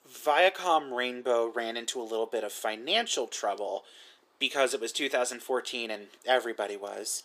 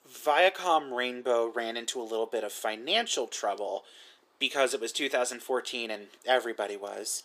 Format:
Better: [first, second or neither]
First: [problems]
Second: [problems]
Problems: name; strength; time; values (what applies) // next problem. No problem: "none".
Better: neither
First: thin; somewhat; fading below 400 Hz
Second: thin; somewhat; fading below 400 Hz